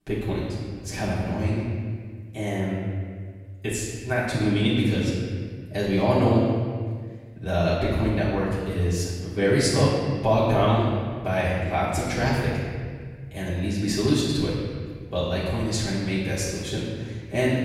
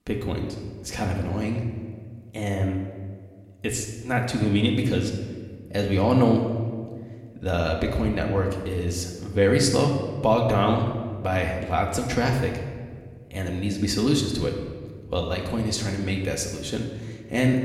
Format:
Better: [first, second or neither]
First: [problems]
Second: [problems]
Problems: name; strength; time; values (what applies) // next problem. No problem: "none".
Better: second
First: room echo; strong; dies away in 1.8 s // off-mic speech; far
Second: room echo; slight; dies away in 1.3 s // off-mic speech; somewhat distant